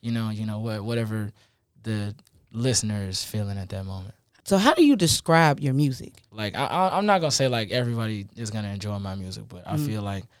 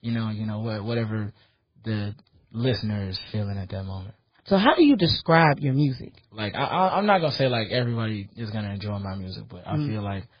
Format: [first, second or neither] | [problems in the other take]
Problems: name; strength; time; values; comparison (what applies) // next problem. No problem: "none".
first | garbled, watery; badly; nothing above 4 kHz